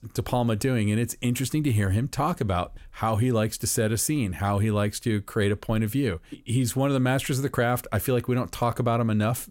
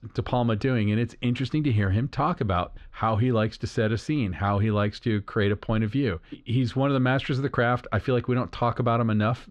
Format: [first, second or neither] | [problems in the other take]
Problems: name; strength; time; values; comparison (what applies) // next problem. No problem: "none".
first | muffled; slightly; fading above 4 kHz